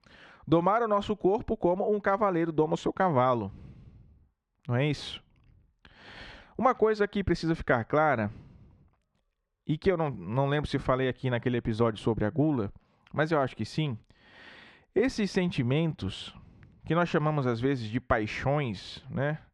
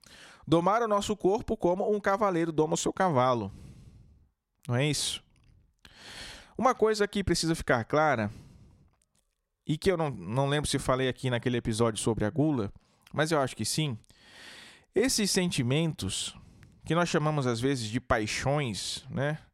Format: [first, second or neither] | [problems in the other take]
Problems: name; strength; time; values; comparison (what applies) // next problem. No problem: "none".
second | muffled; slightly; fading above 2.5 kHz